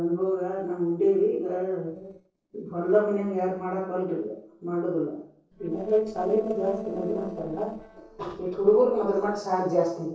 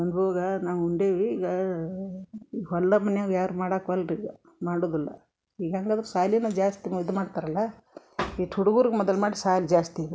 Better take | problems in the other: second | noise reduction (neural separator model SepFormer DNS4)

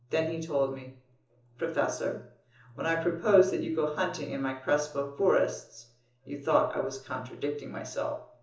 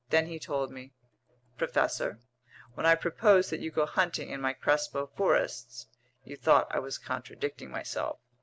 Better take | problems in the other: second | room echo; dies away in 0.7 s

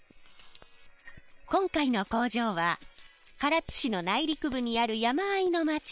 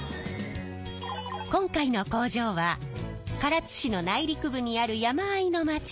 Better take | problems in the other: second | noise reduction (neural separator model SepFormer WHAM!)

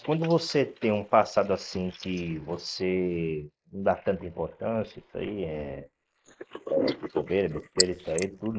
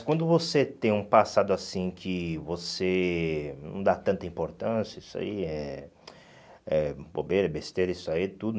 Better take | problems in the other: second | noise reduction (neural mask model Resemble Enhance denoiser)

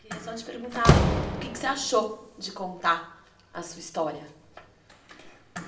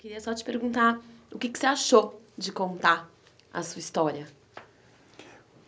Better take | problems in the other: second | background sound (Slam); 2 dB above the speech // room echo; dies away in 0.9 s

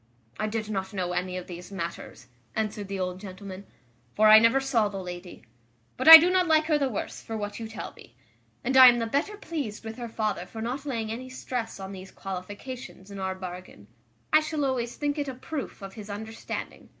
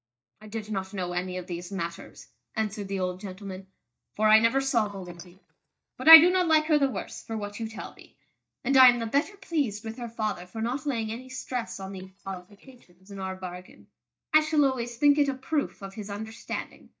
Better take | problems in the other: first | noise reduction (neural mask model DeepFilterNet 3)

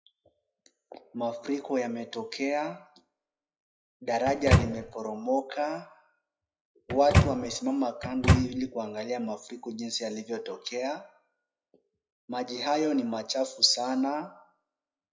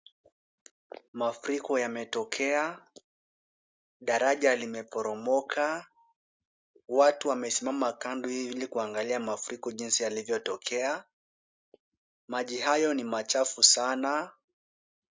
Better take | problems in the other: second | noise reduction (classical method WPE with log-MMSE)

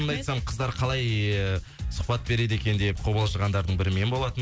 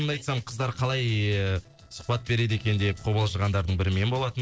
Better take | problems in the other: first | noise reduction (neural separator model SepFormer DNS4)

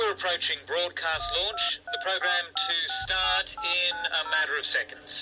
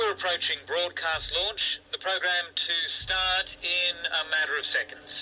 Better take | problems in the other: second | background sound (Telephone); 9 dB below the speech

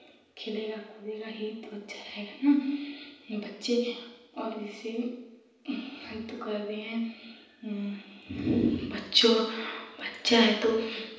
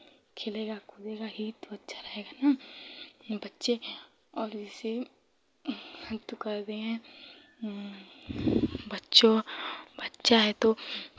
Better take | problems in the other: second | room echo; dies away in 0.9 s

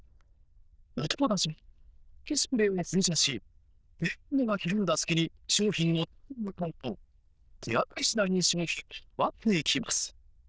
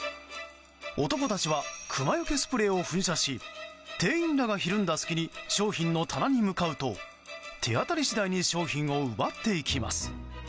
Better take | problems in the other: second | noise reduction (neural diffusion model UNIVERSE++)

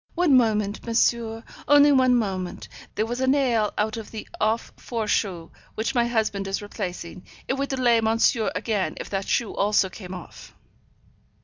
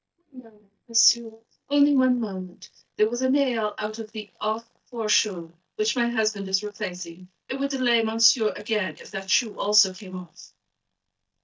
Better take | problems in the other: first | noise reduction (neural mask model DeepFilterNet 3)

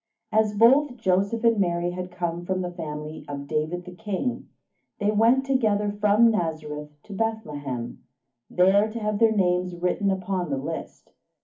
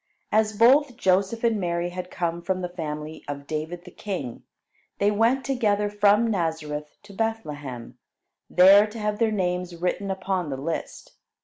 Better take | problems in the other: second | room echo; dies away in 0.3 s

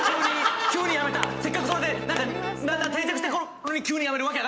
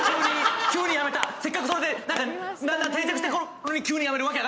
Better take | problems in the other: second | background sound (Bowed string instrument + Wind instrument, woodwind instrument); 9 dB below the speech

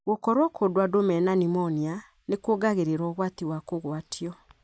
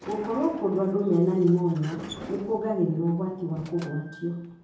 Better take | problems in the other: first | background sound (Sliding door); 18 dB below the speech // room echo; dies away in 0.7 s

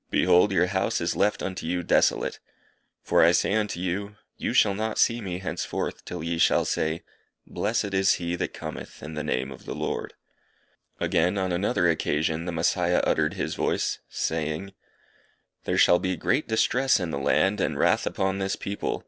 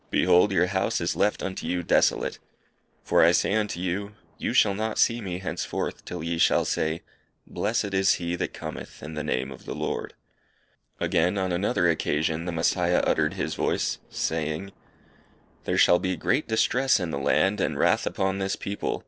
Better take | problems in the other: first | noise reduction (neural separator model SepFormer DNS4)

